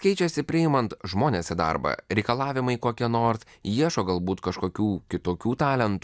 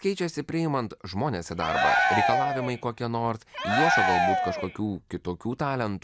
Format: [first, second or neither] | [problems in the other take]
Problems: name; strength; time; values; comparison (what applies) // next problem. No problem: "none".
first | background sound (Cheering); 5 dB above the speech